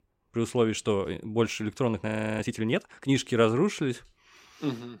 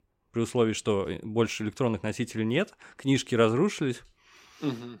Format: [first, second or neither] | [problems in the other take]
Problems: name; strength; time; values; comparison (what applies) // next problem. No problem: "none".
second | audio freezing; at 2 s